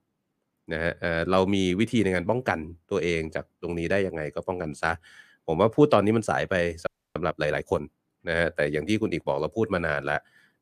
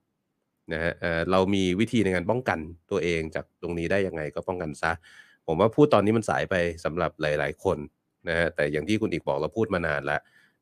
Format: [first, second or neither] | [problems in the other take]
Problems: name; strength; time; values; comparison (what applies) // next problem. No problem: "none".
second | audio freezing; at 7 s